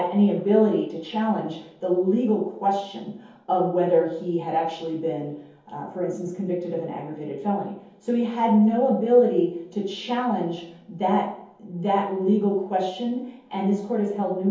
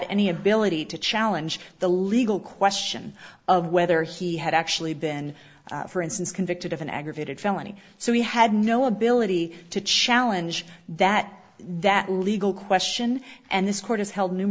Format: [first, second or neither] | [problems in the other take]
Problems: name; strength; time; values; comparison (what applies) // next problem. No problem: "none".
second | room echo; dies away in 0.7 s